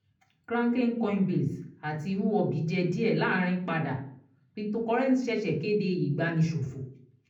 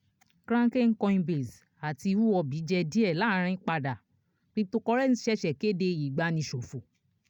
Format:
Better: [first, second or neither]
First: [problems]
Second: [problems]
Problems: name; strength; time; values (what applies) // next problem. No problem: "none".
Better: second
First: room echo; dies away in 0.6 s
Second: none